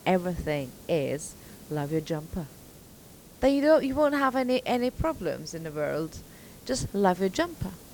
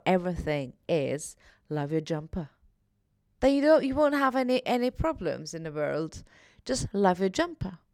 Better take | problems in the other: second | hiss; faint; throughout; 20 dB below the speech

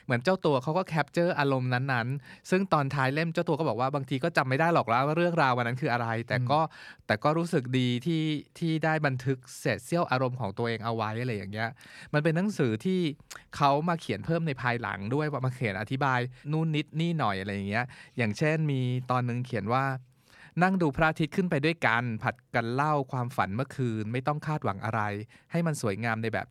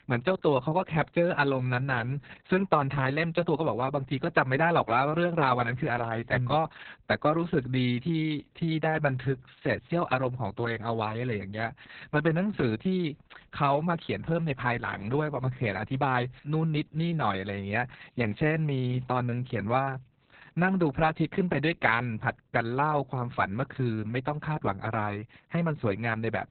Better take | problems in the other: first | garbled, watery; badly; nothing above 4 kHz

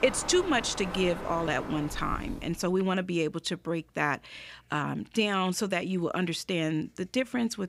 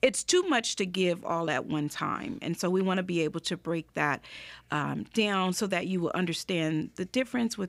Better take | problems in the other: second | wind in the background; noticeable; until 2.5 s; 10 dB below the speech

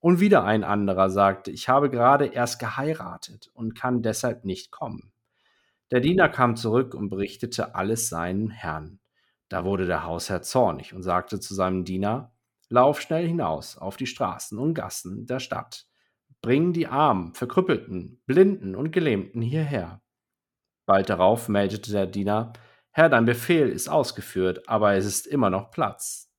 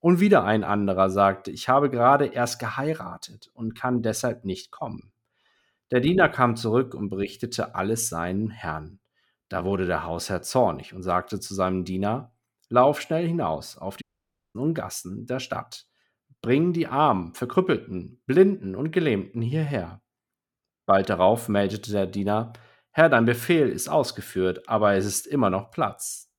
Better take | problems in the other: first | audio cutting out; at 14 s for 0.5 s

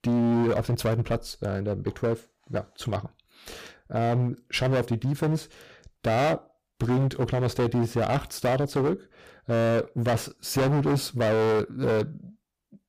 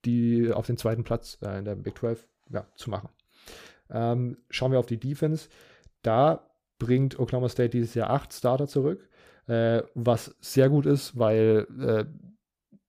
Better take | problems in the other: second | distortion; heavy; 17% of the sound clipped

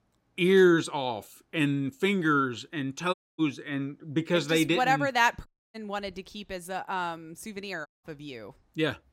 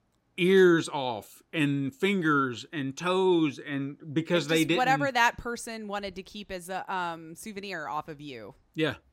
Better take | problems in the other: second | audio cutting out; at 3 s, at 5.5 s and at 8 s

